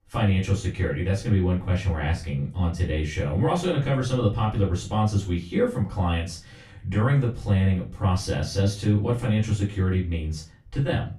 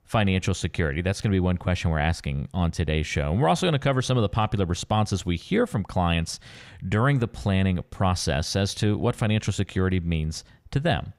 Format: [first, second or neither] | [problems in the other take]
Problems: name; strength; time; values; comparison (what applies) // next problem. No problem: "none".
second | off-mic speech; far // room echo; slight; dies away in 0.3 s